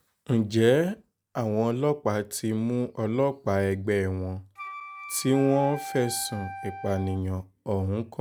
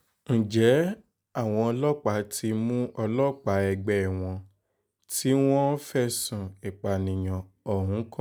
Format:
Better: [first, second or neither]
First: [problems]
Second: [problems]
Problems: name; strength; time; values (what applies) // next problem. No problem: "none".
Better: second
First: background sound (Wind instrument, woodwind instrument); 13 dB below the speech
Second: none